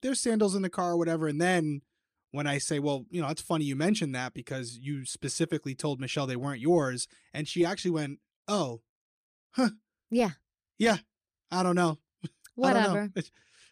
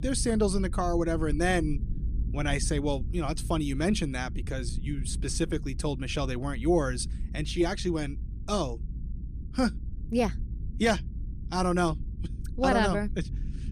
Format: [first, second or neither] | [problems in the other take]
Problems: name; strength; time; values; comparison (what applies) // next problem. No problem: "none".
first | low rumble; faint; throughout; 20 dB below the speech